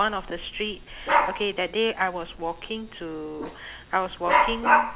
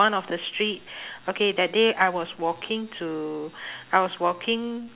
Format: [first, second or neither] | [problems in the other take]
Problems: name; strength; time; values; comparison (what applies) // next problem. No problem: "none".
second | background sound (Dog); 2 dB above the speech